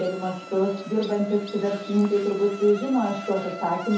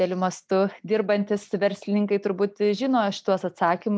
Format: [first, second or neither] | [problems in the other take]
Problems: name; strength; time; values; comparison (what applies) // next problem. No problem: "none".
second | background sound (Insect); 15 dB below the speech // room echo; dies away in 0.5 s